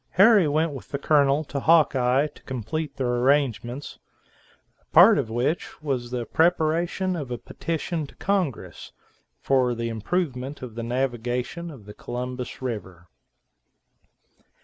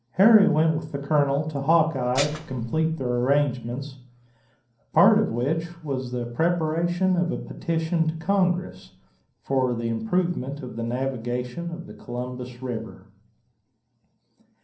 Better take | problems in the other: first | background sound (Dishes, pots, and pans); 11 dB below the speech // room echo; dies away in 0.6 s

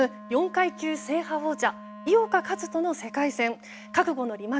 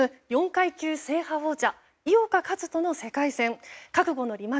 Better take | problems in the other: second | background sound (Wind instrument, woodwind instrument); 17 dB below the speech

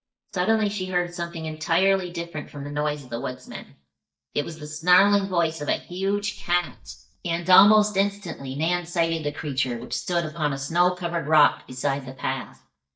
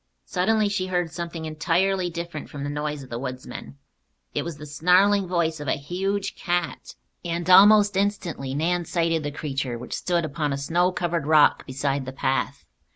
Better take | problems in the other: second | noise reduction (neural mask model DeepFilterNet 3)

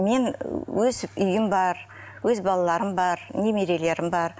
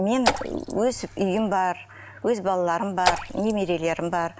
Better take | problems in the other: first | background sound (Raindrop / Splash, splatter); 6 dB below the speech

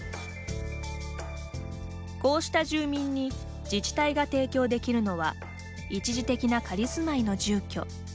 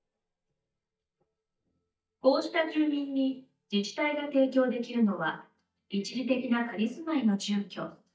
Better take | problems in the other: first | noise reduction (neural mask model DeepFilterNet 3)

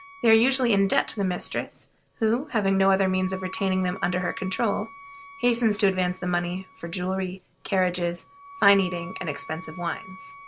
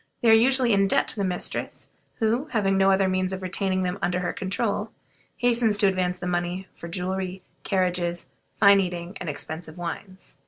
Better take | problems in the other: second | background sound (Wind instrument, woodwind instrument); 18 dB below the speech

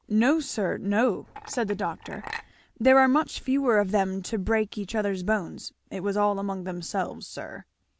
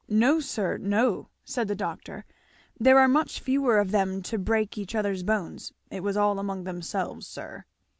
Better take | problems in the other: second | background sound (Chink, clink); 14 dB below the speech

